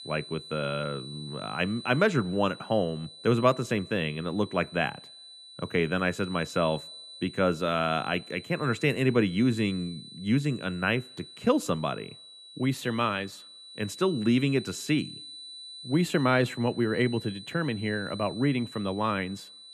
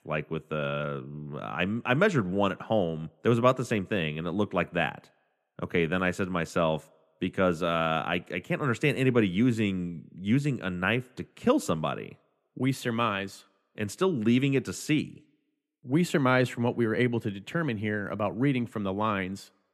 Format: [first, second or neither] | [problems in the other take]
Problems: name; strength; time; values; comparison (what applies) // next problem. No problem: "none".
second | high-pitched whine; noticeable; throughout; 4 kHz, 15 dB below the speech